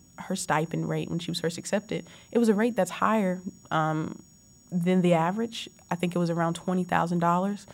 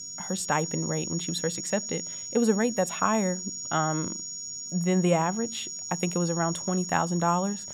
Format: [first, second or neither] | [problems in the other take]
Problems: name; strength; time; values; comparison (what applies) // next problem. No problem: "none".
first | high-pitched whine; loud; throughout; 7 kHz, 6 dB below the speech; faint in the first